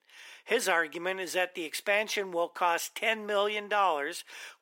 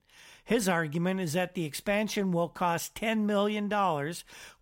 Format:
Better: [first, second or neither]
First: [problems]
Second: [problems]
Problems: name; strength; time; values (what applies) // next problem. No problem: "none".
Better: second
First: thin; very; fading below 350 Hz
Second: none